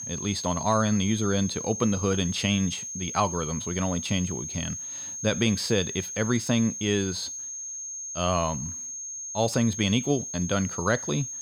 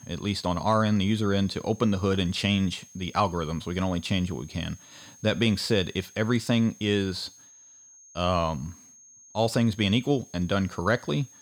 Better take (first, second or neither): second